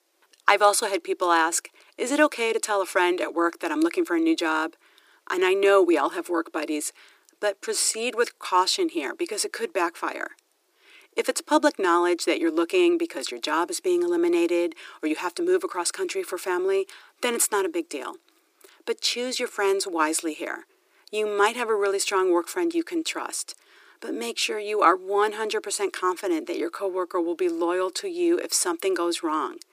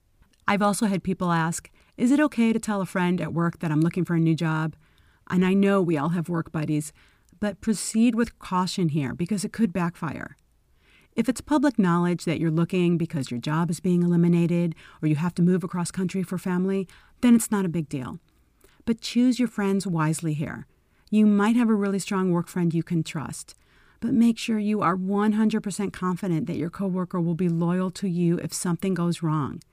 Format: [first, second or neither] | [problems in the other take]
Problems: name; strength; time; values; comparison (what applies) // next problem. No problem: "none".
second | thin; very; fading below 350 Hz